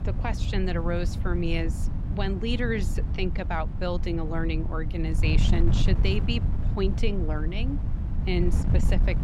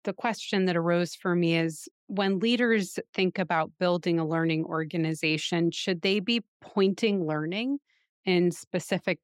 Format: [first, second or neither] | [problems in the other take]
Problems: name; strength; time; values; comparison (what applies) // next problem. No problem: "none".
second | wind noise on the microphone; heavy; 9 dB below the speech